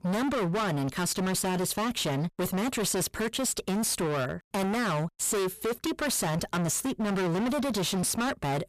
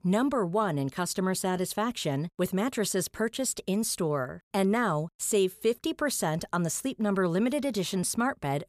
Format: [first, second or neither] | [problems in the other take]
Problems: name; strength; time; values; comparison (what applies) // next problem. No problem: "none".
second | distortion; heavy; 40% of the sound clipped